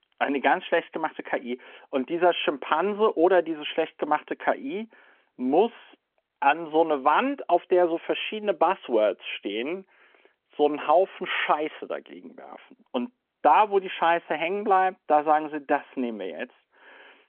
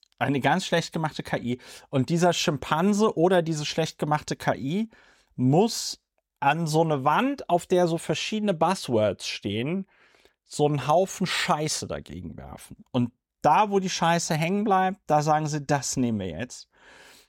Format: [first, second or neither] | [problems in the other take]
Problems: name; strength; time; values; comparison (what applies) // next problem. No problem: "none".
second | phone-call audio; nothing above 3 kHz